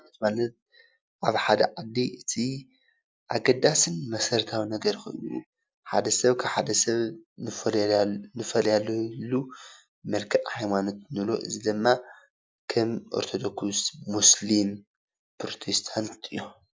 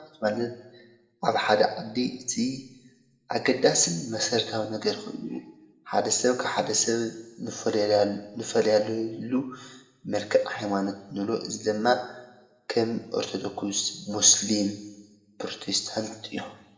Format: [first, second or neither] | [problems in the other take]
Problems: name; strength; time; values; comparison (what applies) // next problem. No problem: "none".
first | room echo; dies away in 0.8 s